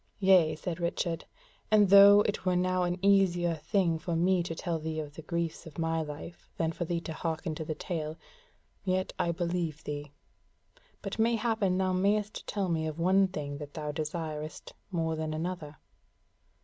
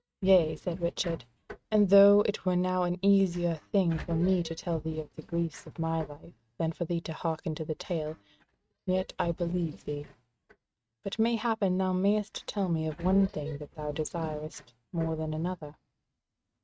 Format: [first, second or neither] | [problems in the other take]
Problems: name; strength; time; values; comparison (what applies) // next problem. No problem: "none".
first | noise reduction (neural mask model RNNoise)